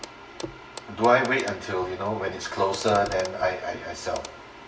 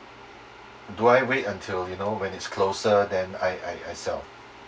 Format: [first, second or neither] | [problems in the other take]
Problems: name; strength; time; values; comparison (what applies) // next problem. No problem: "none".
second | background sound (Clock); 15 dB below the speech // room echo; dies away in 1.1 s